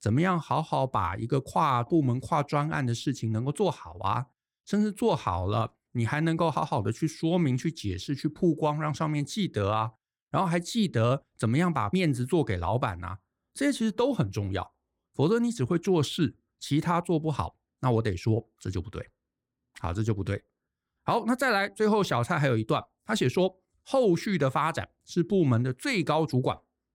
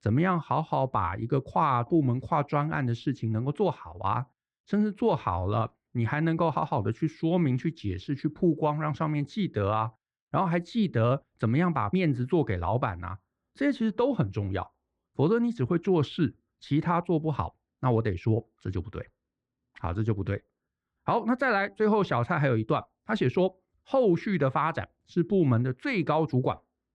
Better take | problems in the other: first | muffled; slightly; fading above 2.5 kHz

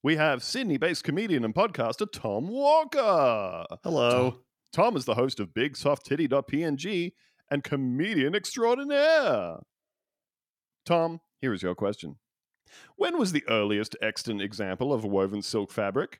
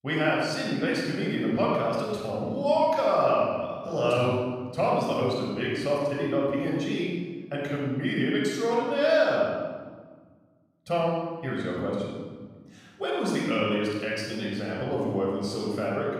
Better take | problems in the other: first | room echo; strong; dies away in 1.3 s // off-mic speech; far

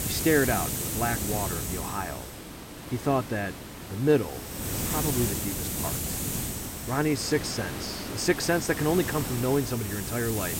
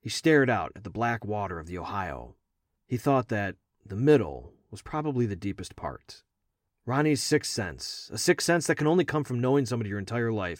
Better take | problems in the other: second | hiss; loud; throughout; 3 dB below the speech

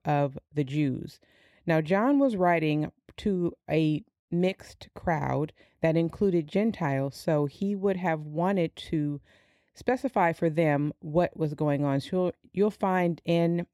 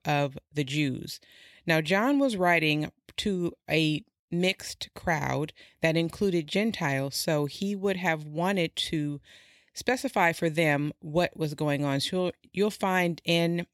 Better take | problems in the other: second | muffled; slightly; fading above 2 kHz

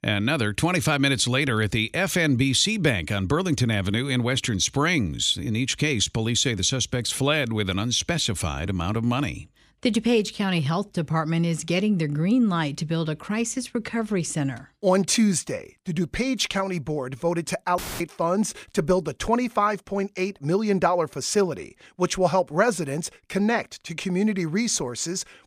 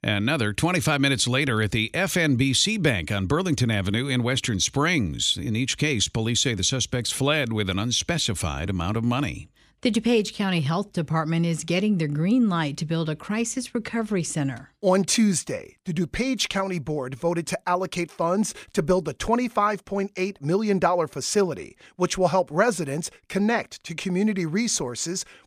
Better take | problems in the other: second | audio cutting out; filled with static; at 18 s

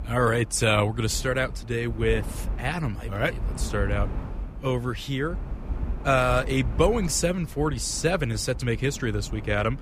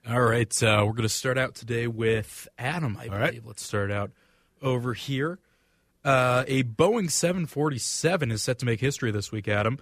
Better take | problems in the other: second | wind noise on the microphone; occasional gusts; 20 dB below the speech

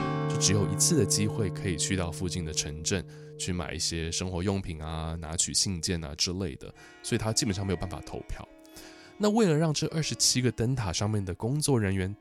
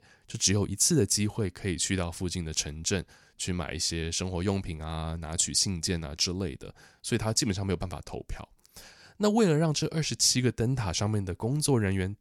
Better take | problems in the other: second | background music; loud; throughout; 9 dB below the speech

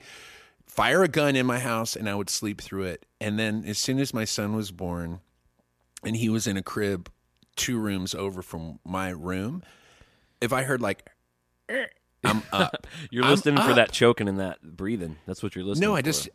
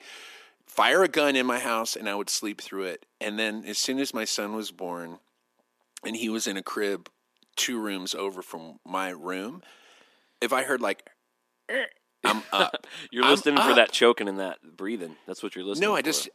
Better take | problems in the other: first | thin; very slightly; fading below 250 Hz

